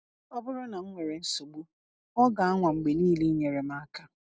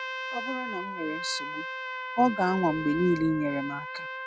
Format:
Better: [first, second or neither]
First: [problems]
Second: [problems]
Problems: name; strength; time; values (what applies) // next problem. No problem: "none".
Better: first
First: none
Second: background sound (Trumpet); 7 dB below the speech